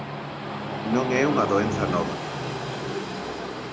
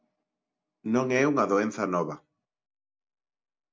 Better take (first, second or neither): second